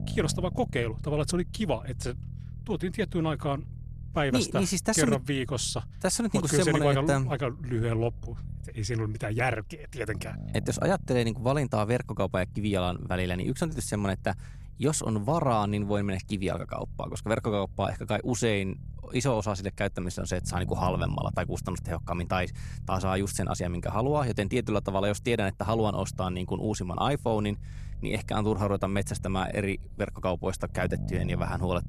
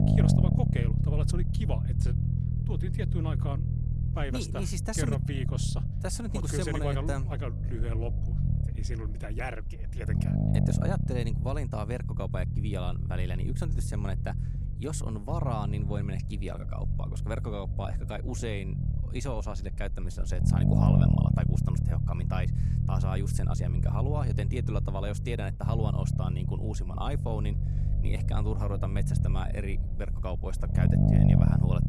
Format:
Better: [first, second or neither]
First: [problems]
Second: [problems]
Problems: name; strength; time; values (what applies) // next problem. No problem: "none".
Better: first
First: low rumble; faint; throughout; 20 dB below the speech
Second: low rumble; loud; throughout; 1 dB below the speech